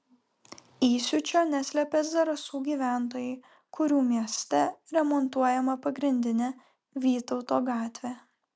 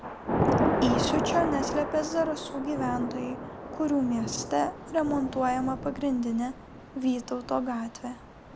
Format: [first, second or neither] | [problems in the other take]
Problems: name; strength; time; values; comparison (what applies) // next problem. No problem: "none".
first | background sound (Thunder / Rain); 2 dB below the speech